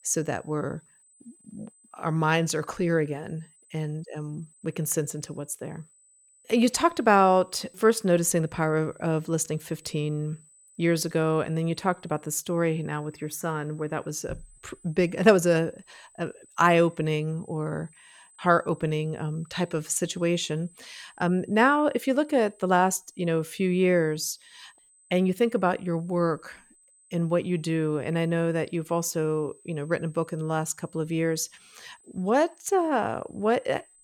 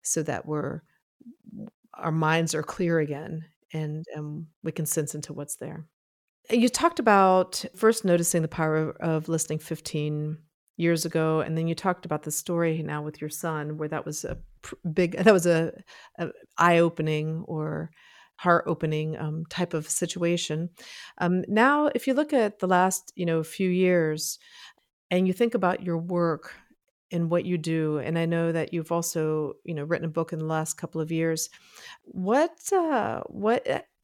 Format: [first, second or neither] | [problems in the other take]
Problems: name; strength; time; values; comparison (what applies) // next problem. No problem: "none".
second | high-pitched whine; faint; throughout; 8 kHz, 30 dB below the speech